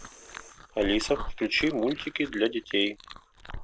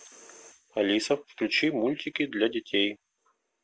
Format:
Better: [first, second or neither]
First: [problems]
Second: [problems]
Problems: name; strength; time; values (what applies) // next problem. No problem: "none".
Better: second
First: background sound (Chewing, mastication); 11 dB below the speech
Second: none